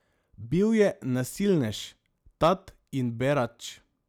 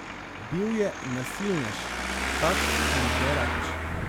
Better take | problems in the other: first | background sound (Traffic noise, roadway noise); 3 dB above the speech

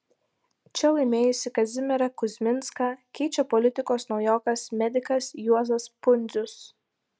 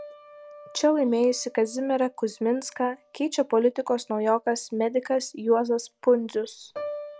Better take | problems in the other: first | background sound (Piano); 19 dB below the speech

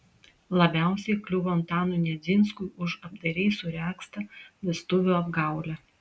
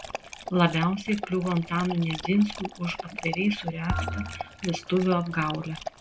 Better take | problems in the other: first | background sound (Thump, thud + Dog); 9 dB below the speech

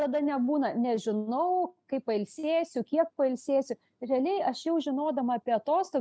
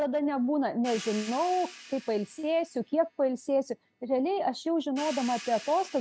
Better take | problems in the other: first | background sound (Hi-hat); 18 dB below the speech

